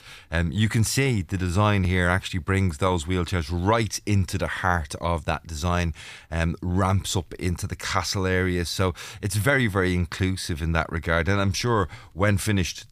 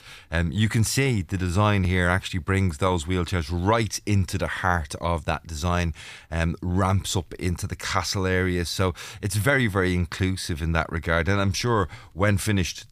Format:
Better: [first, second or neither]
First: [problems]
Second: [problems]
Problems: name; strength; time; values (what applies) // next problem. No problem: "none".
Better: neither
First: none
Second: none